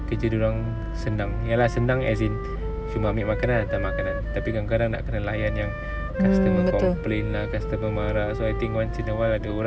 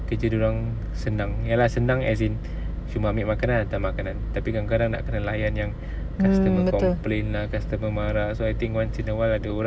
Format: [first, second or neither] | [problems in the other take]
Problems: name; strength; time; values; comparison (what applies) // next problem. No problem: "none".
second | background sound (Wind instrument, woodwind instrument); 11 dB below the speech